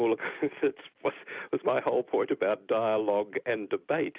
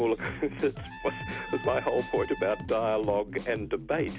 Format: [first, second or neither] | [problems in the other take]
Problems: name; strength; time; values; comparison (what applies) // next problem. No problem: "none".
first | background sound (Drum kit + Trumpet); 10 dB below the speech